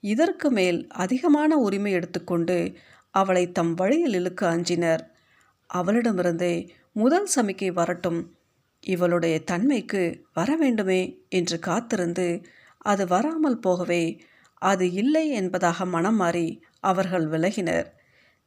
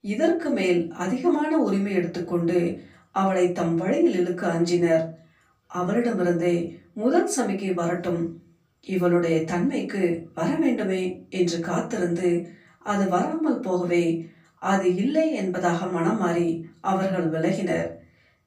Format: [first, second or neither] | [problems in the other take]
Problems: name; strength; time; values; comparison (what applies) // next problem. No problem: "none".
first | off-mic speech; far // room echo; slight; dies away in 0.3 s